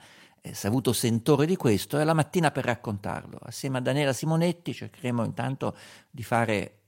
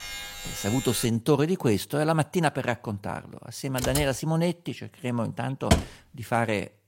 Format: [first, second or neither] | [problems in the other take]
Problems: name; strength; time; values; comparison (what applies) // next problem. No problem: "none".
first | alarm; noticeable; until 1 s; peak 7 dB below the speech // keyboard typing; noticeable; at 4 s; peak 3 dB below the speech // door banging; loud; at 5.5 s; peak 2 dB above the speech